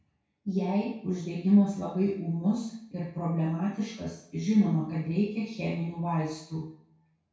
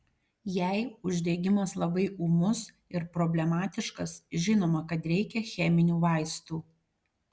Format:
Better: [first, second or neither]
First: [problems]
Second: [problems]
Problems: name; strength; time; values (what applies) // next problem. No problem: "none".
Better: second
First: room echo; dies away in 0.6 s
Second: none